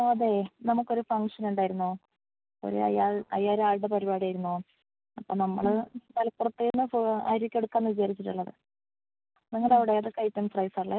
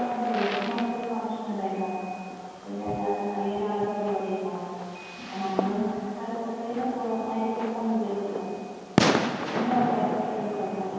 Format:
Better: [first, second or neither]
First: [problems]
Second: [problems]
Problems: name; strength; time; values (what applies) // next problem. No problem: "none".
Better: first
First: none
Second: background sound (Fireworks); 4 dB below the speech // room echo; dies away in 2.1 s